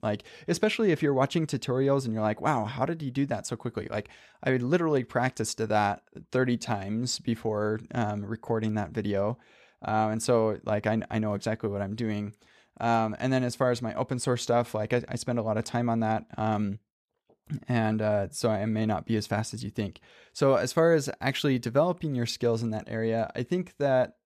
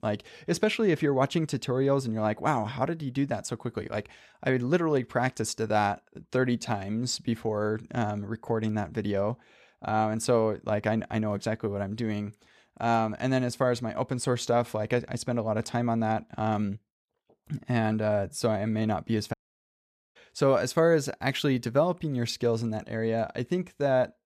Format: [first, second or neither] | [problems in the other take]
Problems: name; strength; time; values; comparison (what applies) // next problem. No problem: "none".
first | audio cutting out; at 19 s for 1 s